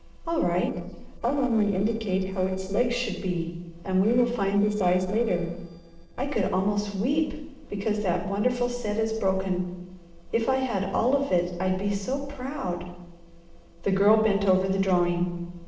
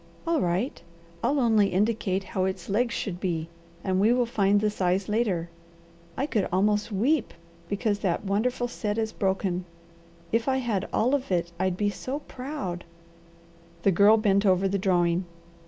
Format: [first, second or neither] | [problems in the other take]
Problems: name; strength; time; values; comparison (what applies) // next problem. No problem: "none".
second | noise reduction (neural separator model SepFormer DNS4)